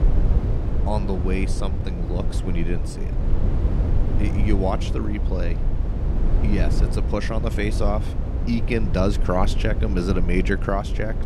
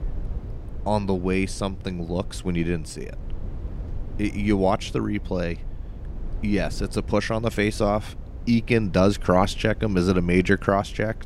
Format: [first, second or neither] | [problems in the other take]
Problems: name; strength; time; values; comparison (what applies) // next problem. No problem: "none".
second | low rumble; loud; throughout; 8 dB below the speech; faint in the second